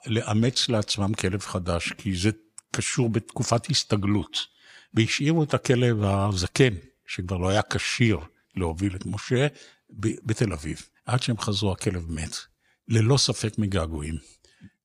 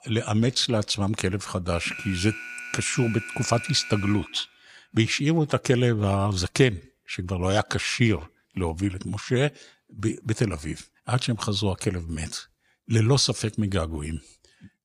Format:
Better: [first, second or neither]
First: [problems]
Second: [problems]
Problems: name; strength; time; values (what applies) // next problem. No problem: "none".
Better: first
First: none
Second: alarm; noticeable; from 1.5 to 4.5 s; peak 9 dB below the speech